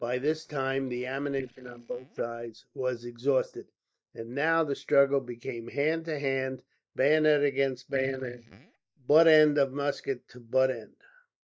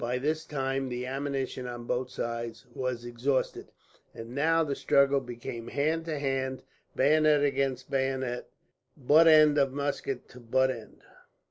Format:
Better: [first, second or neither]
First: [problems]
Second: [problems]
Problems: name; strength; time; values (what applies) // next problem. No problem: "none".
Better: second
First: noise reduction (neural mask model DeepFilterNet 3)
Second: none